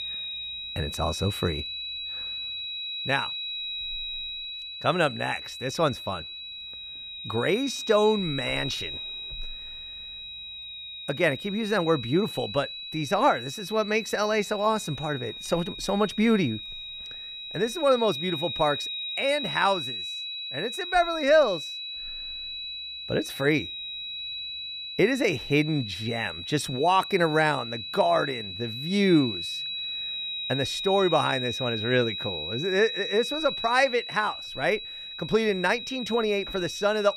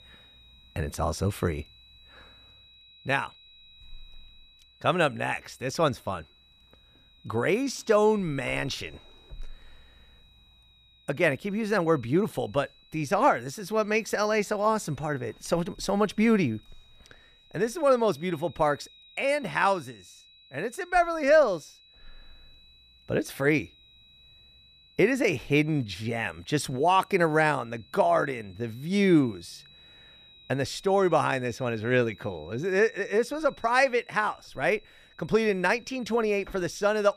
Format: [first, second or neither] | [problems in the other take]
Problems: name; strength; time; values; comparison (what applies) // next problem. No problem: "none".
second | high-pitched whine; loud; throughout; 4 kHz, 7 dB below the speech; faint in the second